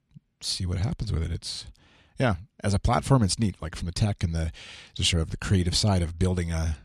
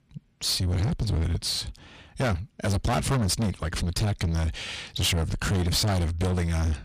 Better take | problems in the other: first | distortion; heavy; 5 dB below the speech

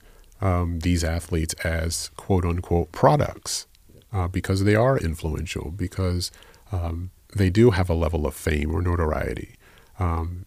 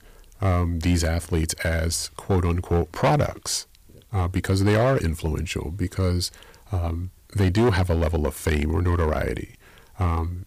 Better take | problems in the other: first | distortion; slight; 4% of the sound clipped

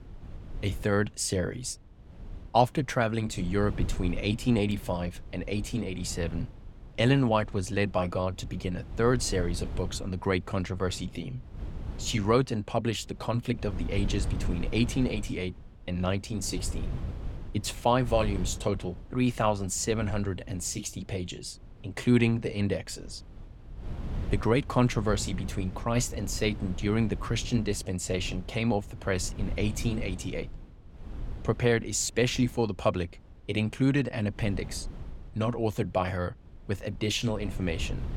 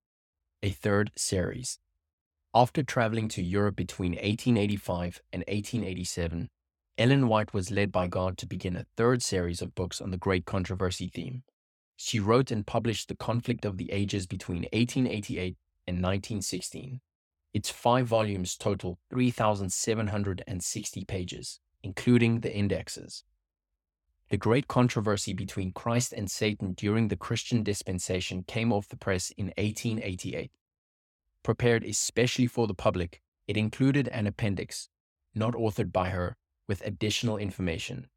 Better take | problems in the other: second | wind noise on the microphone; occasional gusts; 20 dB below the speech

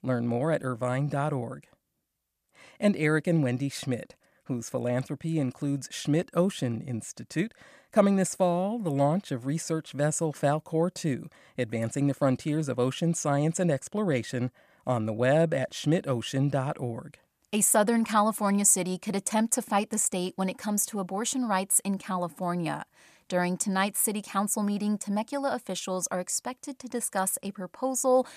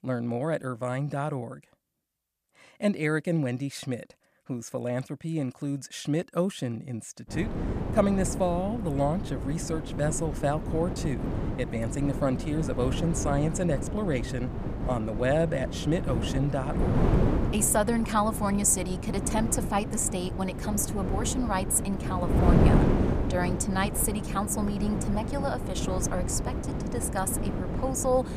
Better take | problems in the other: first | wind noise on the microphone; heavy; from 7.5 s on; 5 dB below the speech

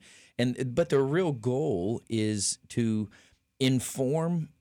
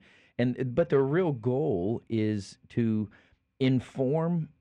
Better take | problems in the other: first | muffled; very; fading above 2.5 kHz

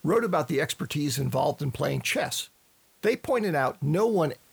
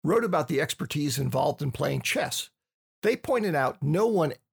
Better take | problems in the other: second | hiss; faint; throughout; 30 dB below the speech

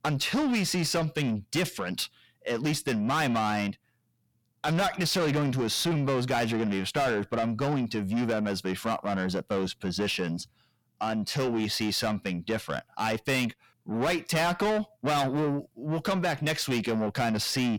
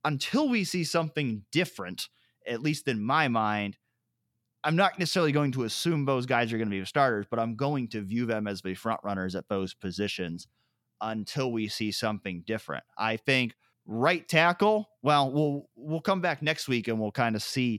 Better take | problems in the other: second | distortion; heavy; 6 dB below the speech

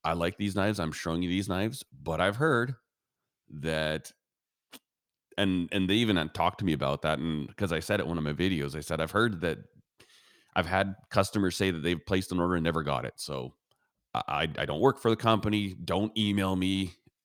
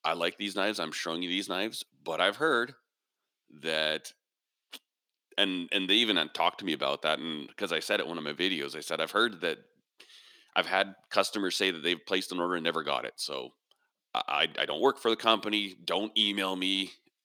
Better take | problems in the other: first | thin; somewhat; fading below 300 Hz

